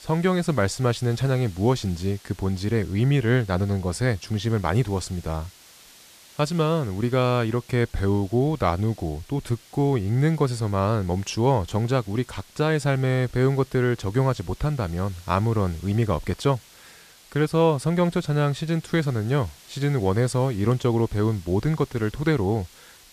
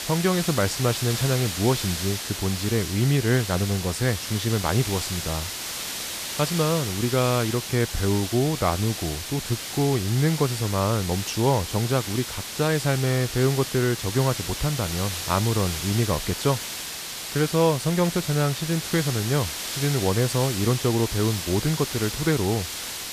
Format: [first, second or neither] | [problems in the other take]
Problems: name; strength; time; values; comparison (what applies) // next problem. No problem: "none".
first | hiss; loud; throughout; 5 dB below the speech; faint in the first